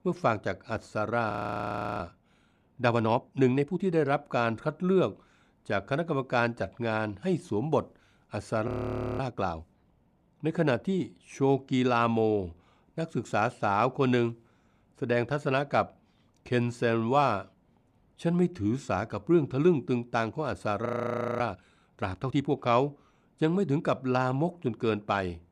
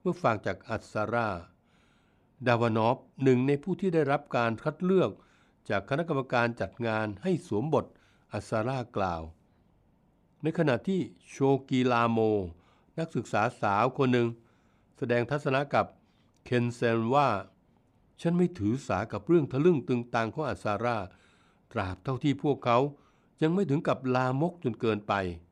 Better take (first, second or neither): second